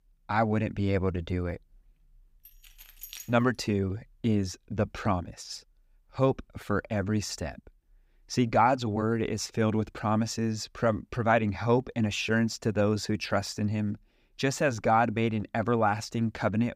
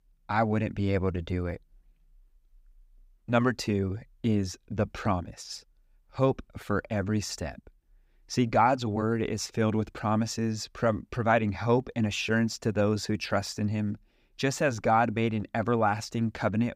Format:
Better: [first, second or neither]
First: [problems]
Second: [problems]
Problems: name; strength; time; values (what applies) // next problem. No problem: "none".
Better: second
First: jangling keys; faint; at 2.5 s; peak 15 dB below the speech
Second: none